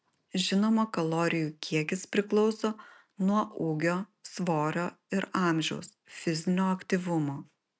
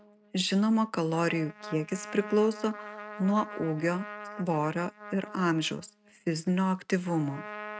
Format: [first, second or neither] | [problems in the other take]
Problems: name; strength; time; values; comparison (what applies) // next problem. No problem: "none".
first | noise reduction (neural mask model RNNoise)